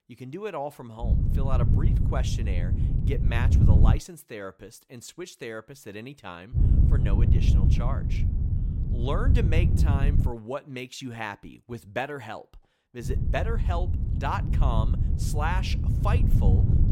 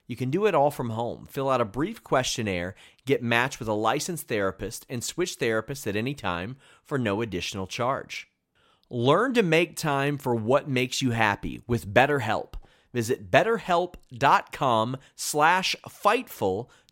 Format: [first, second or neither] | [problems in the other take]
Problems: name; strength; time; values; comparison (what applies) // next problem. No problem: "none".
second | wind noise on the microphone; heavy; from 1 to 4 s, from 6.5 to 10 s and from 13 s on; 4 dB below the speech